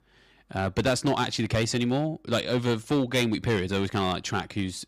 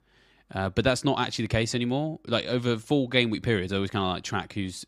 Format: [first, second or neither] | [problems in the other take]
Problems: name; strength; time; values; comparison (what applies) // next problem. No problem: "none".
second | distortion; slight; 5% of the sound clipped